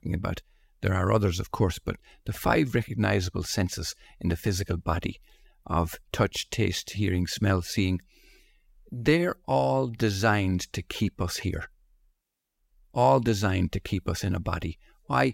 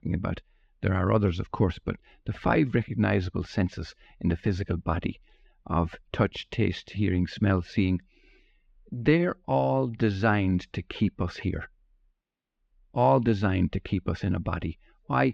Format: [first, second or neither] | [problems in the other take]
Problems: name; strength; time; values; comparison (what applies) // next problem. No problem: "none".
first | muffled; slightly; fading above 3.5 kHz